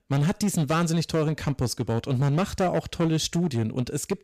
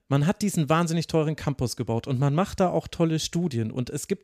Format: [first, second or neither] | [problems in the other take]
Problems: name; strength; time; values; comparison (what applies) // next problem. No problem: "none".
second | distortion; slight; 12% of the sound clipped